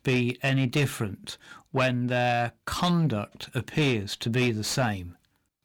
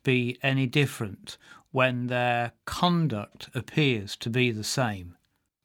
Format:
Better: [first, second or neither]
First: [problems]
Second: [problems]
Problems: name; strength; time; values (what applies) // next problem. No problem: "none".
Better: second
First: distortion; slight; 10 dB below the speech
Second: none